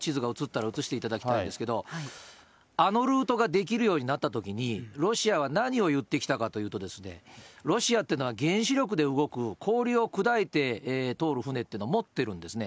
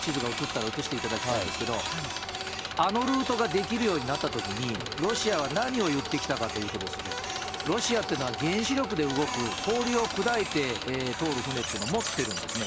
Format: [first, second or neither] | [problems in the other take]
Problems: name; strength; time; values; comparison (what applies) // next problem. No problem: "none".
first | background sound (Engine + Printer); 4 dB below the speech